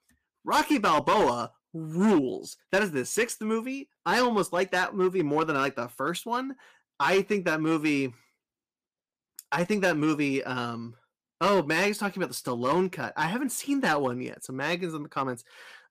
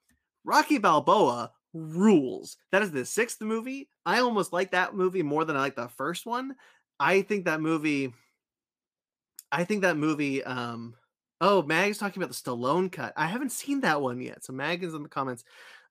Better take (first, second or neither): second